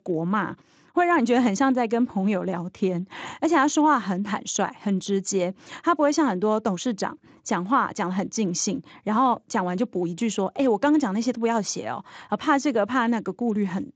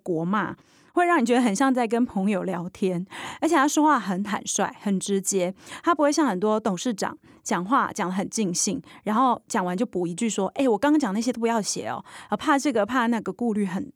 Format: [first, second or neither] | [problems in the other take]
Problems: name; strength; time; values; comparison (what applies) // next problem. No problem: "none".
second | garbled, watery; slightly; nothing above 7.5 kHz